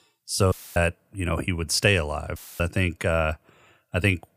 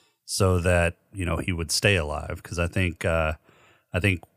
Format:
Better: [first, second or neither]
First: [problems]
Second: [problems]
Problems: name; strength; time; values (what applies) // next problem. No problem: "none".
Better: second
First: audio cutting out; filled with static; at 0.5 s and at 2.5 s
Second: none